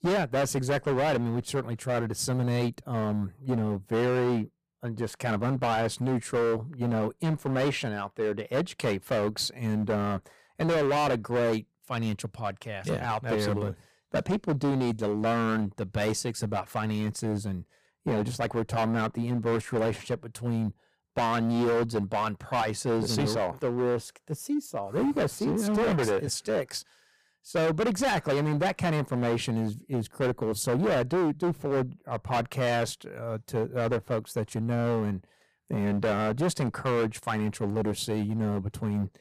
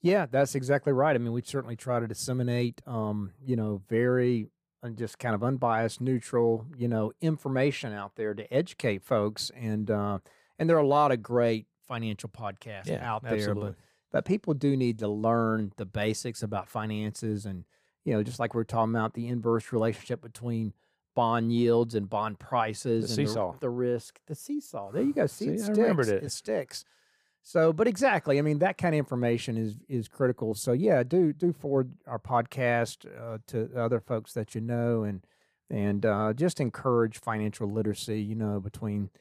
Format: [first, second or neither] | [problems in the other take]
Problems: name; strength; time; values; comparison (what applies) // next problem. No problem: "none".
second | distortion; heavy; 16% of the sound clipped